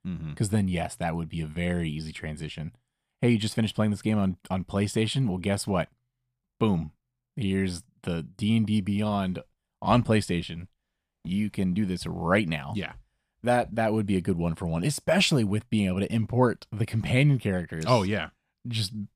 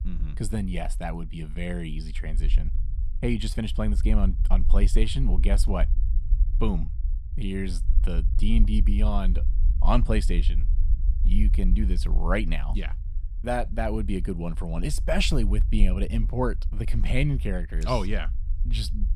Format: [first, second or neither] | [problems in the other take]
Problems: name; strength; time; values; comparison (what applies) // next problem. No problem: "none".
first | low rumble; noticeable; throughout; 15 dB below the speech